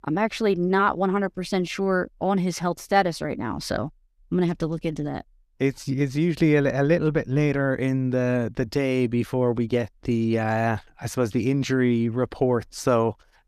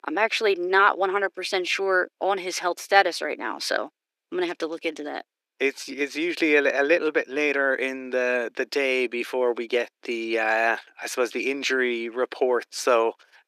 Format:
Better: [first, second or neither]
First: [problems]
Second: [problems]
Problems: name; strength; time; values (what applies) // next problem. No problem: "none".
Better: first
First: none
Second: thin; very; fading below 350 Hz